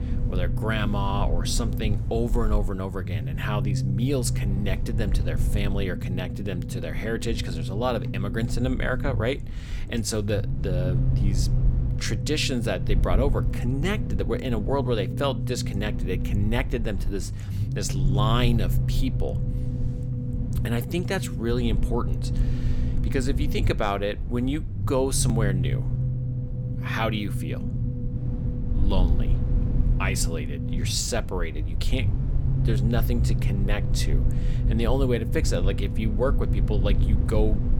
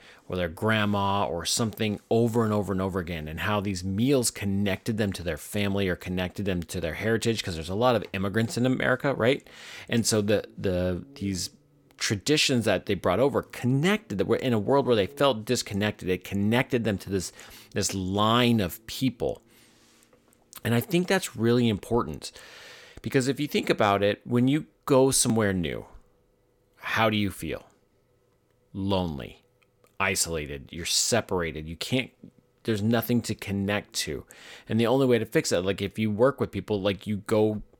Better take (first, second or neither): second